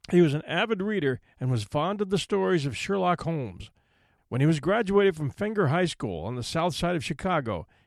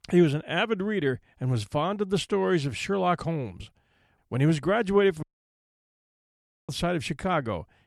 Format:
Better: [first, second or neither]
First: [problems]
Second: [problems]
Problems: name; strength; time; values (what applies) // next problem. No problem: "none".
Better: first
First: none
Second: audio cutting out; at 5 s for 1.5 s